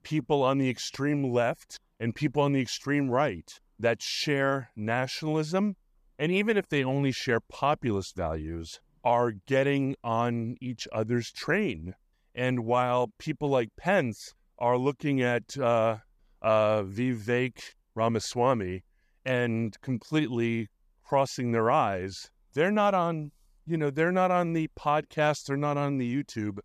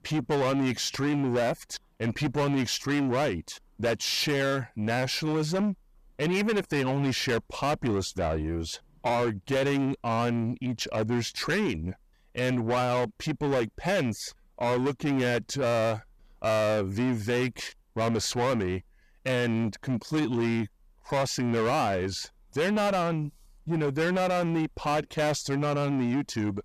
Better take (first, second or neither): first